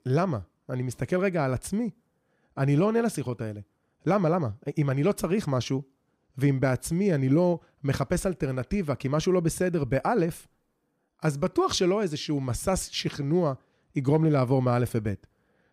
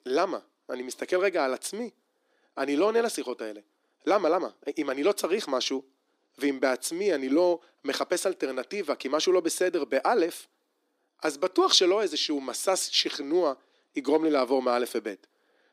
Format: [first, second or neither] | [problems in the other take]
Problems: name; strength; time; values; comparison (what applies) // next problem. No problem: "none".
first | thin; somewhat; fading below 300 Hz